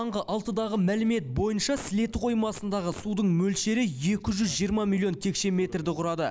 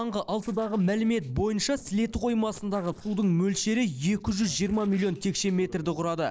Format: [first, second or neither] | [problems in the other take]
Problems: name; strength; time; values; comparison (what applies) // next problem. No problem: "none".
first | noise reduction (neural separator model SepFormer DNS4)